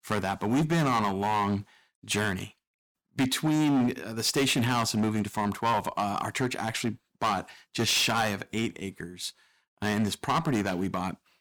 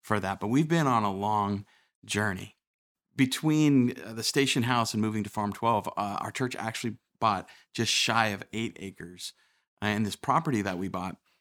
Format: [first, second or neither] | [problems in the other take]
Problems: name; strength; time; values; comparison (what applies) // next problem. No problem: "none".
second | distortion; heavy; 9% of the sound clipped